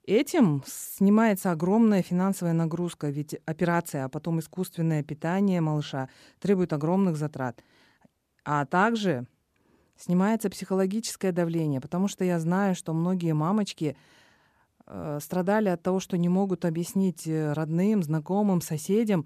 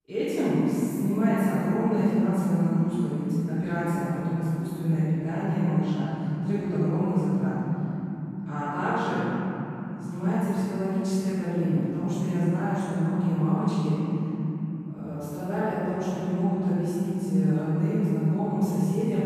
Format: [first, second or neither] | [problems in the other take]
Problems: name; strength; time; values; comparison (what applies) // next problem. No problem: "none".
first | off-mic speech; far // room echo; strong; dies away in 3 s